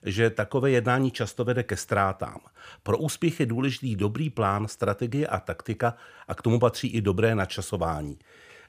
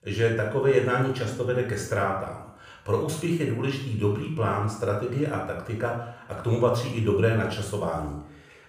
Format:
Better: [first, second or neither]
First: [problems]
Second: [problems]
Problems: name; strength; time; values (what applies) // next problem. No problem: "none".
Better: first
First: none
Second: off-mic speech; somewhat distant // room echo; noticeable; dies away in 0.5 s